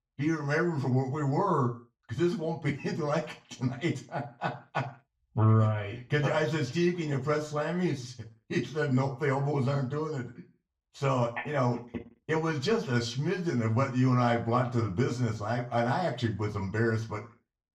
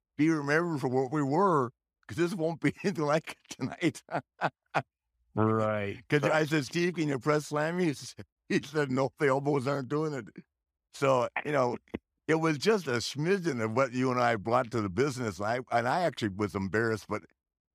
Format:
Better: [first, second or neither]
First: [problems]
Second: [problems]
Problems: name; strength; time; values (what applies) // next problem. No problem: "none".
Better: second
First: room echo; slight; dies away in 0.3 s // off-mic speech; far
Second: none